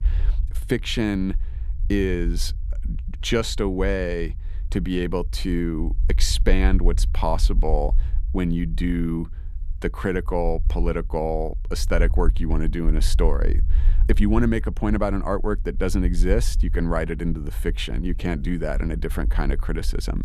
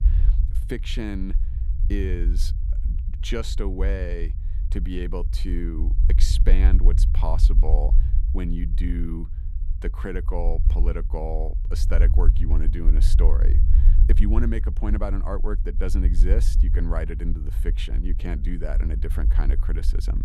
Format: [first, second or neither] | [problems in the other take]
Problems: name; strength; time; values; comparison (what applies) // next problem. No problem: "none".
first | low rumble; loud; throughout; 10 dB below the speech; faint in the first